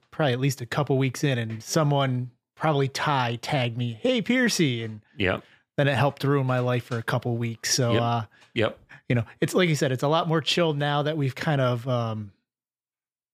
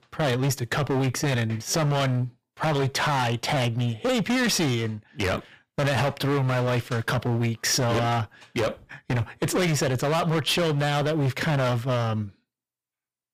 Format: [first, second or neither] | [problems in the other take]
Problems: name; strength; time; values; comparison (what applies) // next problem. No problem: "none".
first | distortion; heavy; 24% of the sound clipped